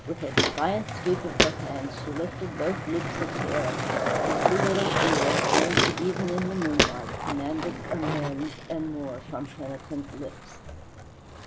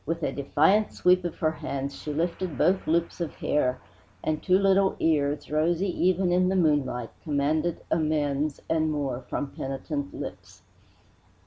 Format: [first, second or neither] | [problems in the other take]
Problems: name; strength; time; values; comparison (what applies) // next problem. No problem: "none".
second | background sound (Walk, footsteps + Skateboard); 3 dB above the speech